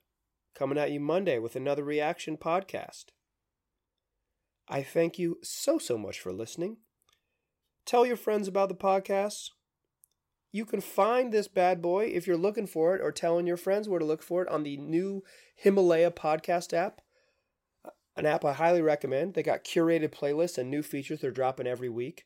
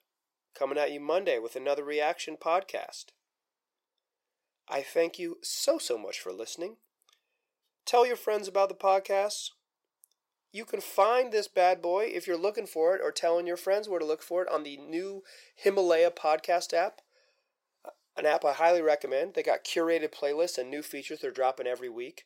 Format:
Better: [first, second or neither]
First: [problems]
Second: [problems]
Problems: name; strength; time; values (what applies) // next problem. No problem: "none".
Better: first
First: none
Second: thin; somewhat; fading below 550 Hz